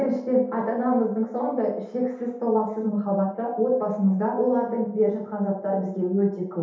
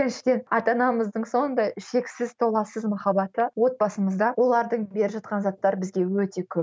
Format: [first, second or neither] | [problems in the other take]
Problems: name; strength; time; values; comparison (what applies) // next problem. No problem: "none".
second | room echo; dies away in 0.8 s